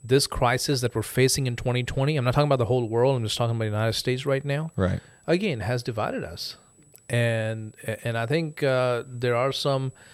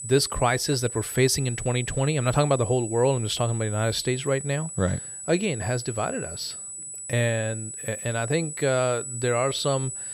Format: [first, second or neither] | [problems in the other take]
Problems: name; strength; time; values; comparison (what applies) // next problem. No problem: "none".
first | high-pitched whine; loud; throughout; 8 kHz, 8 dB below the speech; faint in the first